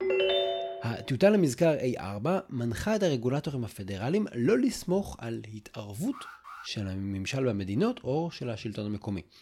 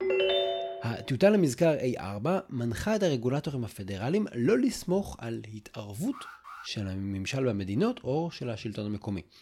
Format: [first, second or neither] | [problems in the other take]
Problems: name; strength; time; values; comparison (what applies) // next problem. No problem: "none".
neither | phone ringing; loud; at the start; peak 4 dB above the speech; the same in both // alarm; faint; at 6 s; peak 15 dB below the speech; the same in both